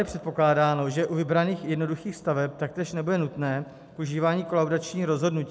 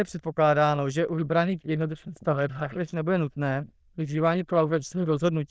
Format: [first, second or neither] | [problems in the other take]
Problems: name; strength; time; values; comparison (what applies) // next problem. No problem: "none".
first | noise reduction (neural diffusion model UNIVERSE++)